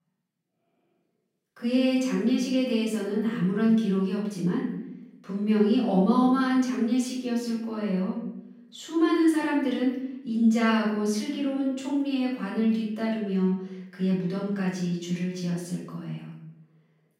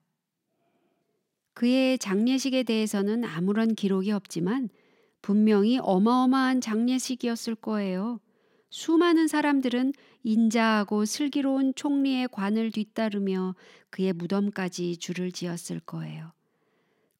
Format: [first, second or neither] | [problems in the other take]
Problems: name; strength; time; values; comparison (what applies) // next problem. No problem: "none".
second | off-mic speech; far // room echo; noticeable; dies away in 0.8 s